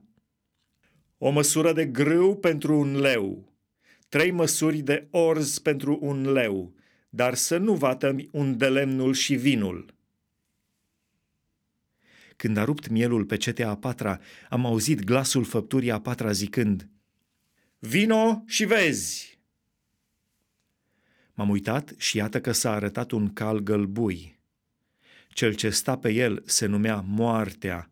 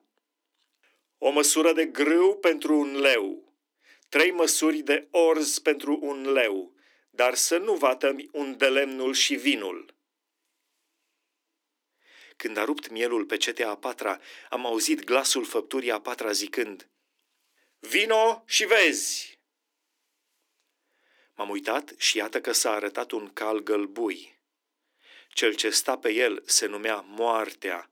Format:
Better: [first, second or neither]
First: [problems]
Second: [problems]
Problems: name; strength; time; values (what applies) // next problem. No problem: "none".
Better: first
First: none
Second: thin; somewhat; fading below 300 Hz